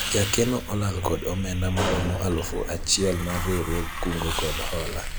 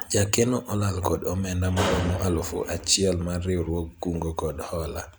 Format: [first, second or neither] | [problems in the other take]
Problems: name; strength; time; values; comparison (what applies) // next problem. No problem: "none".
second | background sound (Hiss); 5 dB below the speech